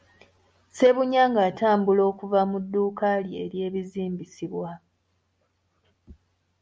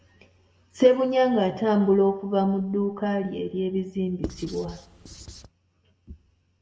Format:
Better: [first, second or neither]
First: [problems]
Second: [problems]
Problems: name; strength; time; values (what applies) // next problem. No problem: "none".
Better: first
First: none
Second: background sound (Writing); 13 dB below the speech // room echo; dies away in 1.1 s